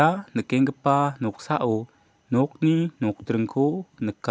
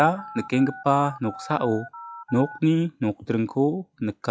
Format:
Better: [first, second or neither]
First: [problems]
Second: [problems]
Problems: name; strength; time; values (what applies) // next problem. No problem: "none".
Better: first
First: none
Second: noise reduction (classical method log-MMSE)